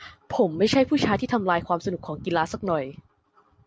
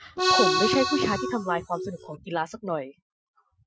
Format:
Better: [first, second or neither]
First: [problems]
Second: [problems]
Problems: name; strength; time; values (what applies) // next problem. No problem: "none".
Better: first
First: none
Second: noise reduction (classical method Wiener filter)